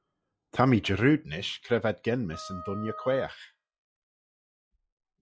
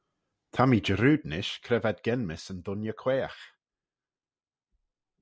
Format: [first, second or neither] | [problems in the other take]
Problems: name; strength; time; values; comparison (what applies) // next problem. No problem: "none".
second | noise reduction (classical method log-MMSE)